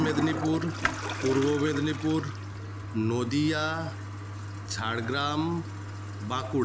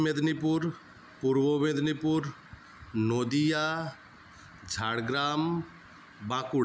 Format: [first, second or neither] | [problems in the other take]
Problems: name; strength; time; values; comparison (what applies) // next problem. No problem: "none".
second | background sound (Toilet flush); 5 dB below the speech